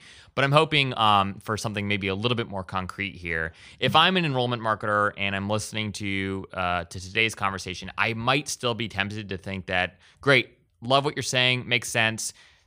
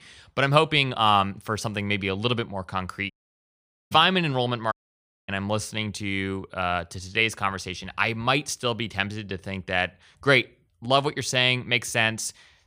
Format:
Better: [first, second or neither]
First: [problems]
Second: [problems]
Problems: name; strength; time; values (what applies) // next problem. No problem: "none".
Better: first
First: none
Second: audio cutting out; at 3 s for 1 s and at 4.5 s for 0.5 s